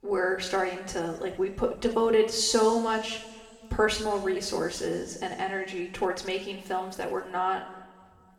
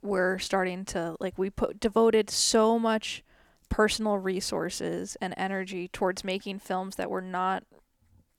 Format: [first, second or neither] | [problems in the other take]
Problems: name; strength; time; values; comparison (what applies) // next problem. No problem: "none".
second | room echo; noticeable; dies away in 1.6 s // off-mic speech; somewhat distant